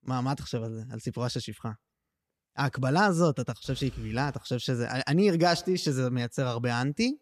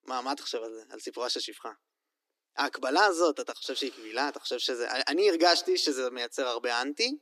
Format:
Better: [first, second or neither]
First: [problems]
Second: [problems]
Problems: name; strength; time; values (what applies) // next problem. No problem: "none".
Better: first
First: none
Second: thin; very; fading below 300 Hz